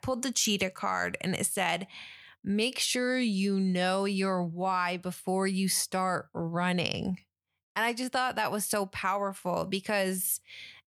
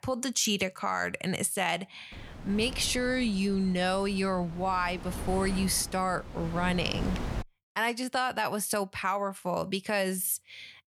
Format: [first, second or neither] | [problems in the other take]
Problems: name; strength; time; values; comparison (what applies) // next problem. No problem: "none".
first | wind noise on the microphone; occasional gusts; from 2 to 7.5 s; 15 dB below the speech